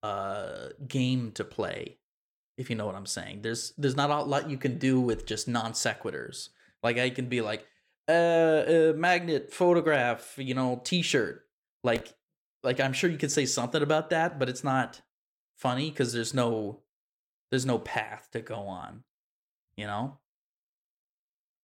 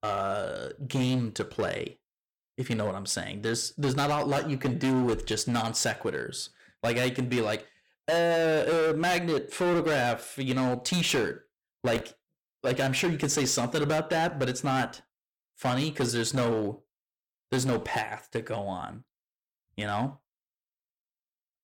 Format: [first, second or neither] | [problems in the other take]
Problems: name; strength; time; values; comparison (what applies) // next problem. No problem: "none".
first | distortion; heavy; 13% of the sound clipped